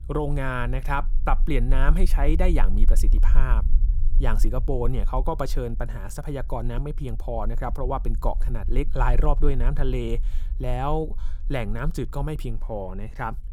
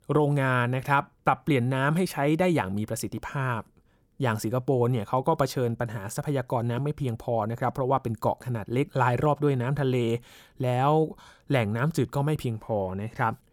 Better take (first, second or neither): second